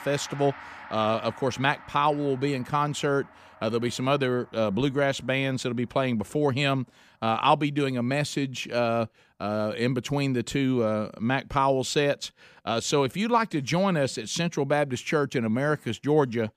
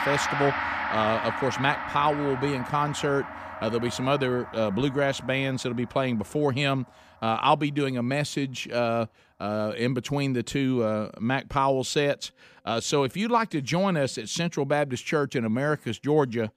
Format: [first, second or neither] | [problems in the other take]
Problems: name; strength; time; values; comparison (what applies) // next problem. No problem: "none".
first | background music; loud; throughout; 6 dB below the speech; faint in the first